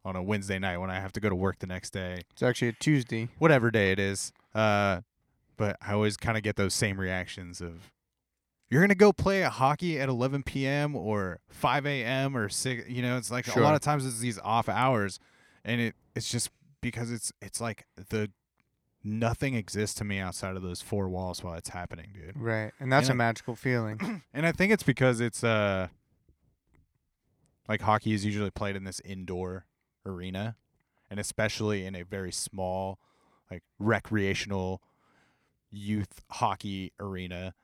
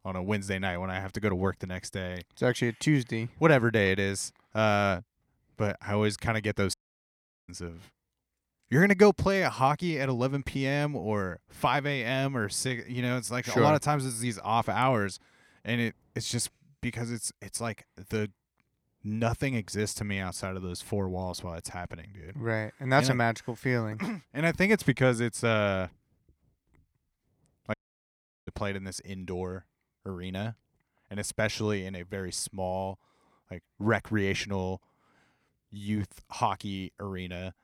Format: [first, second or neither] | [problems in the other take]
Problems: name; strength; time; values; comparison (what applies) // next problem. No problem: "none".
first | audio cutting out; at 6.5 s for 0.5 s and at 28 s for 0.5 s